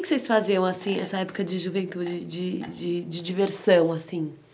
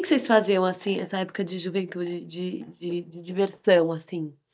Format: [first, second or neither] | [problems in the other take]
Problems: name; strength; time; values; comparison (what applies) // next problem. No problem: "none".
first | noise reduction (neural mask model DeepFilterNet 3)